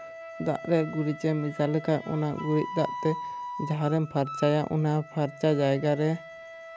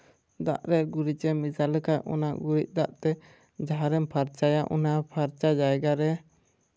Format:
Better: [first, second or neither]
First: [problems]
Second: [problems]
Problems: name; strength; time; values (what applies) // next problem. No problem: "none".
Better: second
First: background sound (Wind instrument, woodwind instrument); 12 dB below the speech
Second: none